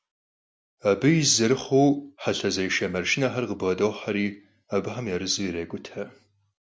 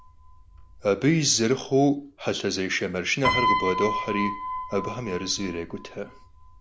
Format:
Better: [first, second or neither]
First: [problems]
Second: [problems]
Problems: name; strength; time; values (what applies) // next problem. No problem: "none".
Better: first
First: none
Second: background sound (Piano); 5 dB below the speech